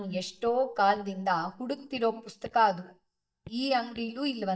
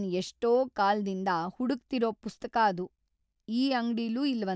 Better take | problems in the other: second | noise reduction (neural mask model DeepFilterNet 3)

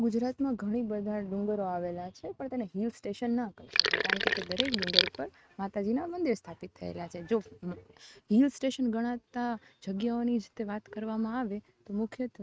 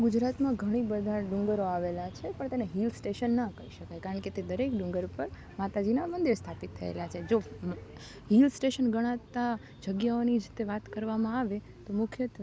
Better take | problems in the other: second | noise reduction (neural mask model RNNoise)

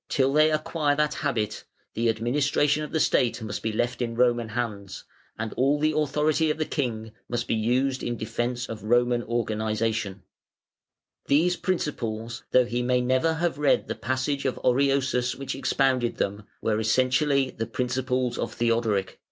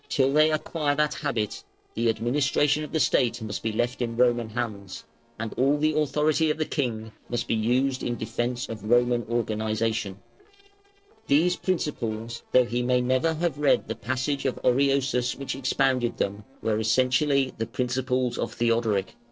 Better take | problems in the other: first | noise reduction (neural separator model SepFormer DNS4)

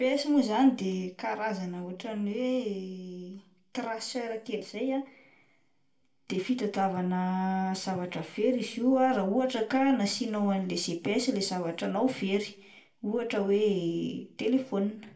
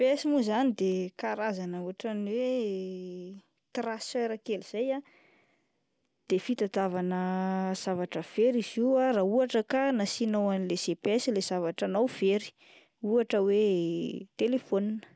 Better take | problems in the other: second | room echo; dies away in 0.3 s

